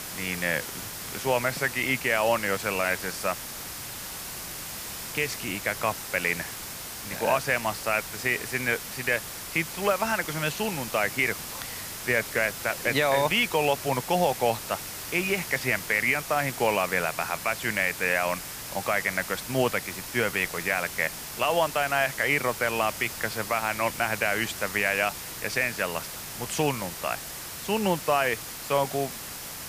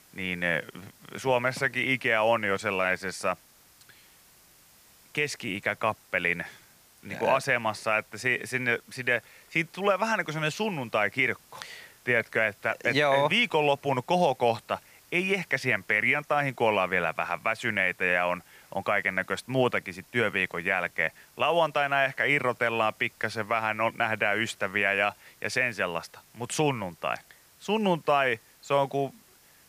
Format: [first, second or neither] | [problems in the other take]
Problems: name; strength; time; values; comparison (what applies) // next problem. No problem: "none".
second | hiss; loud; throughout; 8 dB below the speech; faint in the second